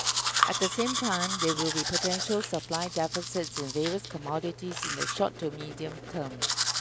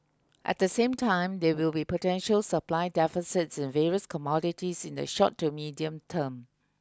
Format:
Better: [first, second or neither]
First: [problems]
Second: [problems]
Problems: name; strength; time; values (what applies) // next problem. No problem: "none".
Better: second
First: background sound (Domestic sounds, home sounds); as loud as the speech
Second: none